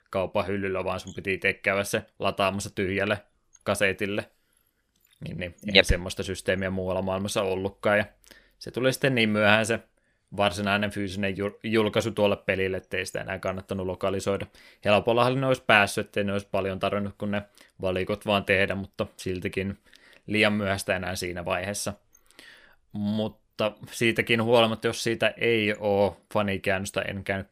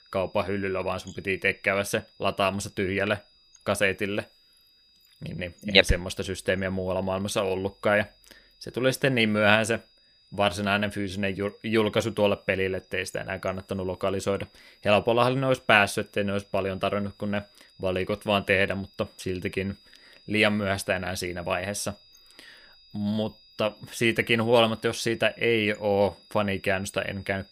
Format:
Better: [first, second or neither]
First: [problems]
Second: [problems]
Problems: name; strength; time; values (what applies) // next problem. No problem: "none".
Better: first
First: none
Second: high-pitched whine; faint; throughout; 5 kHz, 30 dB below the speech